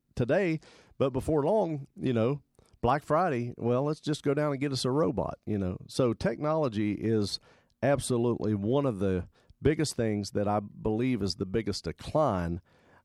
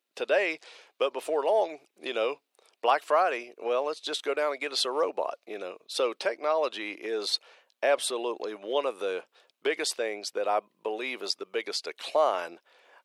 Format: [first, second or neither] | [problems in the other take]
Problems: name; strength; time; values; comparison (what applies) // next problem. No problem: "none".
first | thin; very; fading below 450 Hz